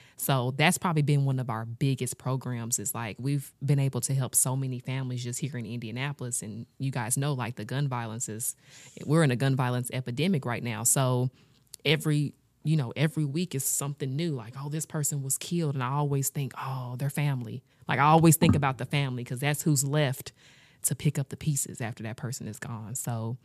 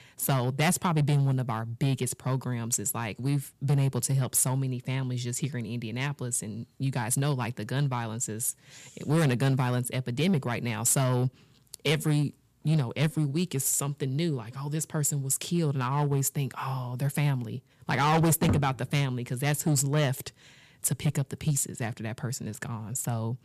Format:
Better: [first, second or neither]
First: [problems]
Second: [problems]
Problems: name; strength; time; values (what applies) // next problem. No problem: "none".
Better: first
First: none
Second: distortion; slight; 5% of the sound clipped